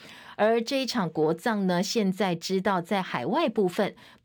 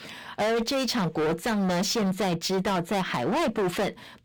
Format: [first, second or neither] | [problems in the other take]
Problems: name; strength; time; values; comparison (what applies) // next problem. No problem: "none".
first | distortion; heavy; 29% of the sound clipped